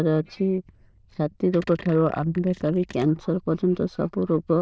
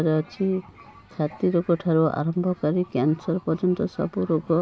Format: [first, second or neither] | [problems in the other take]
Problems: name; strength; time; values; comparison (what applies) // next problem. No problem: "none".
second | noise reduction (neural diffusion model UNIVERSE++)